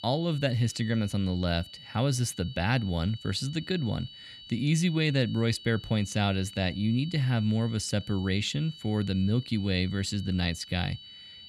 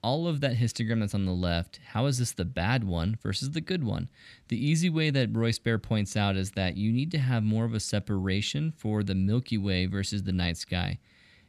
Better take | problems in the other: second | high-pitched whine; noticeable; throughout; 3 kHz, 15 dB below the speech

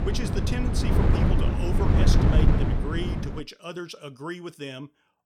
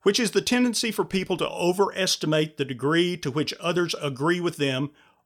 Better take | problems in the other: second | wind noise on the microphone; heavy; until 3.5 s; 3 dB above the speech

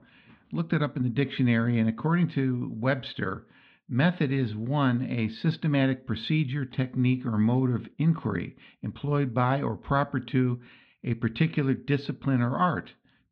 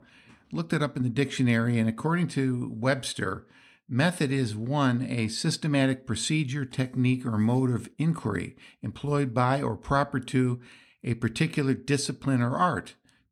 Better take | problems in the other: second | muffled; slightly; fading above 3.5 kHz

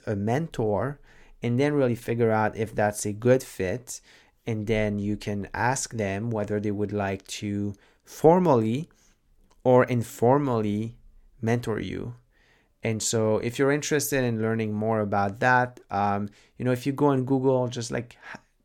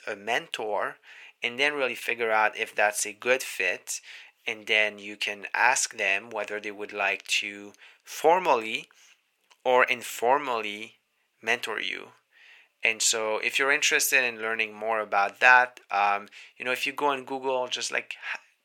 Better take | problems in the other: first | thin; very; fading below 750 Hz

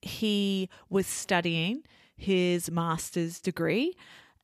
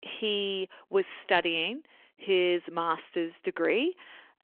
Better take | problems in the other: first | phone-call audio

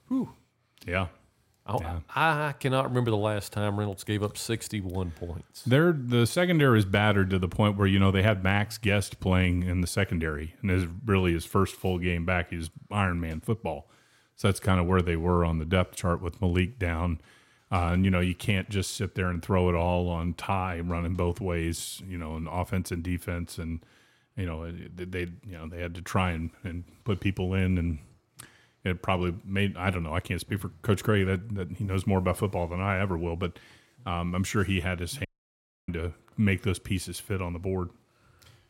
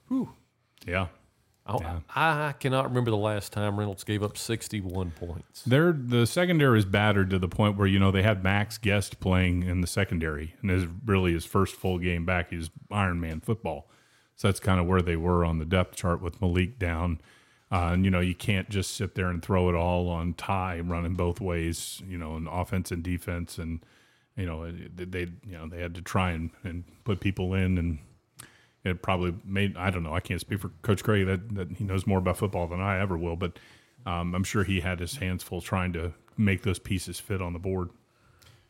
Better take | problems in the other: second | audio cutting out; at 35 s for 0.5 s

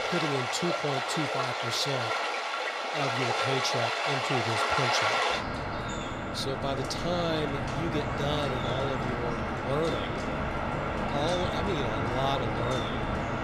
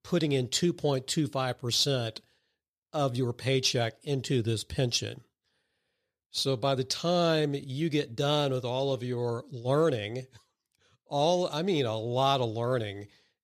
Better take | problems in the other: second | rain or running water; very loud; throughout; 3 dB above the speech

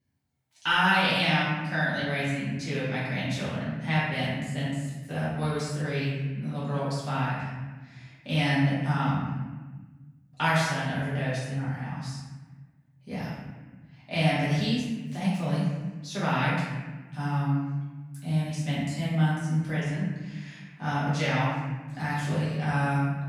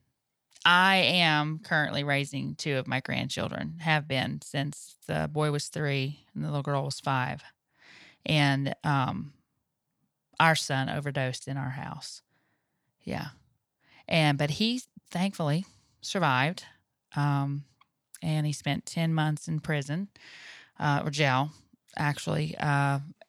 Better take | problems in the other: second | off-mic speech; far // room echo; strong; dies away in 1.3 s

